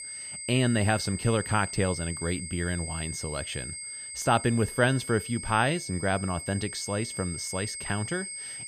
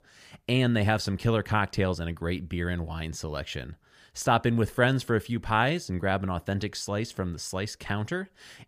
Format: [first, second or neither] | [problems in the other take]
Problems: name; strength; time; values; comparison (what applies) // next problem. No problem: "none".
second | high-pitched whine; loud; throughout; 8 kHz, 7 dB below the speech